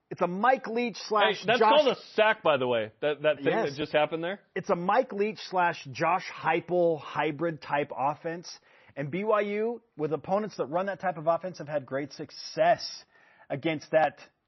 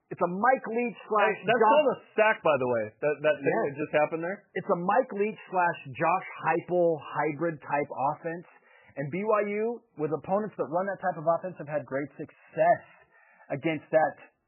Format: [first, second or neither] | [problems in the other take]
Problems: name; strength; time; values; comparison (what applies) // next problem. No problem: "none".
first | garbled, watery; badly; nothing above 3 kHz; slightly in the first